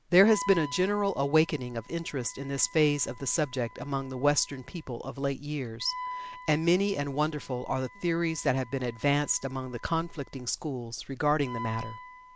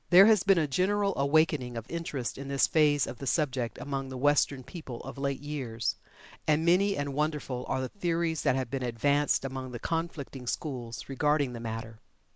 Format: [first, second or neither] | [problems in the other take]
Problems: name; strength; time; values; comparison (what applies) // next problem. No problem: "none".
second | background sound (Wind instrument, woodwind instrument); 16 dB below the speech